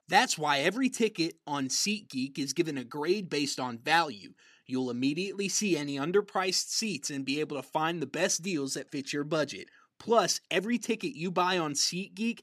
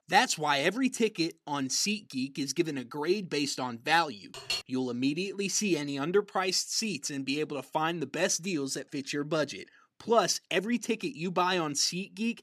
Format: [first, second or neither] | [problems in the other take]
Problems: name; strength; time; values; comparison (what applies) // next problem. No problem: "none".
first | clattering dishes; noticeable; at 4.5 s; peak 3 dB below the speech